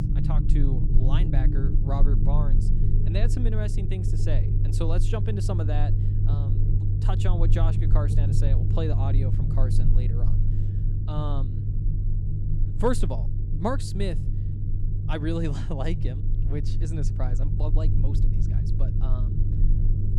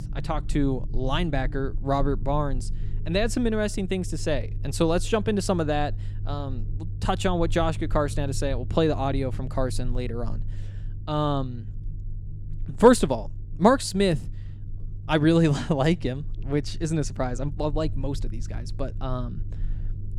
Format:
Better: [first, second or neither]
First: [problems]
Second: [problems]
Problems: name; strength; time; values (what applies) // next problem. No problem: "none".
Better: second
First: low rumble; loud; throughout; 4 dB below the speech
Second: low rumble; faint; throughout; 25 dB below the speech